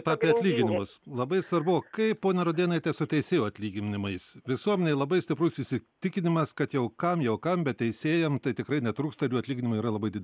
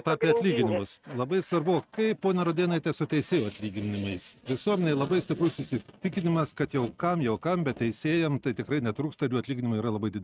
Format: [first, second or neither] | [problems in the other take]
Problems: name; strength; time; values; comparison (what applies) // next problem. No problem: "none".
first | noise reduction (neural mask model RNNoise)